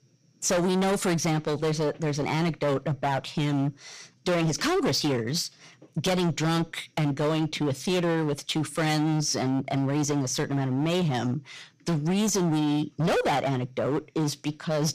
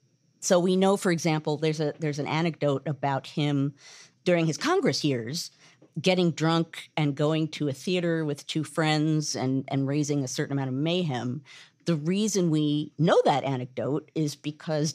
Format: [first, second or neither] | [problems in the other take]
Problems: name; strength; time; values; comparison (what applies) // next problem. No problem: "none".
second | distortion; heavy; 21% of the sound clipped